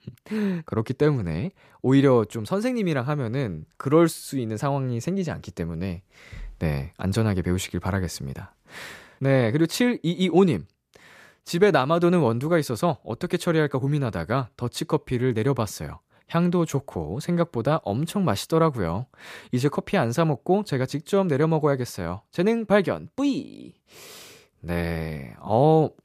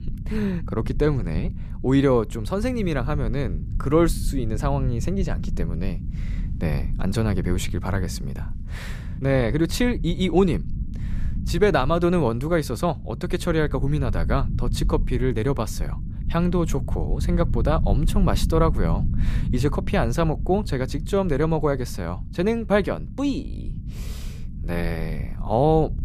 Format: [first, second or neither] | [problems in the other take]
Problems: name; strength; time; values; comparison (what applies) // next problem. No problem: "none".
first | low rumble; noticeable; throughout; 15 dB below the speech